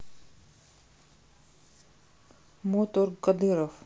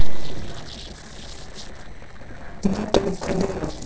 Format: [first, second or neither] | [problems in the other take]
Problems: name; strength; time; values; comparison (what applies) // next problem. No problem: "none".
first | noise reduction (neural separator model SepFormer DNS4)